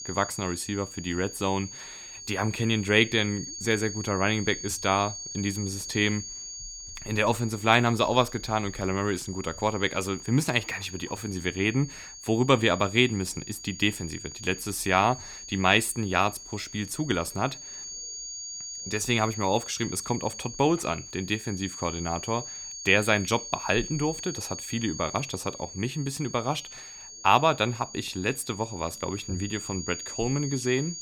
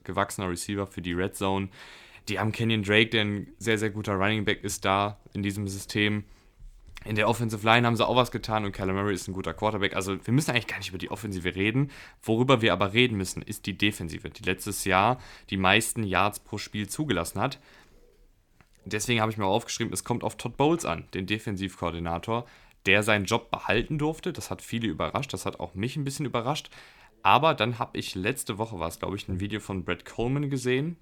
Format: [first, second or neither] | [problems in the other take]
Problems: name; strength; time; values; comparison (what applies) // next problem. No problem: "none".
second | high-pitched whine; noticeable; throughout; 6.5 kHz, 10 dB below the speech